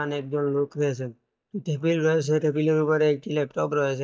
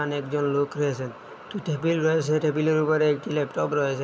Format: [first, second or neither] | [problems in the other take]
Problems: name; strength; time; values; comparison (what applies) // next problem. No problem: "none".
second | noise reduction (neural mask model DeepFilterNet 3)